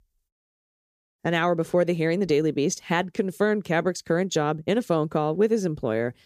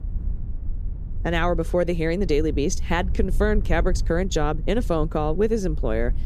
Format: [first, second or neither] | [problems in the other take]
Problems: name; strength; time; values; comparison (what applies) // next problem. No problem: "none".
first | low rumble; faint; throughout; 25 dB below the speech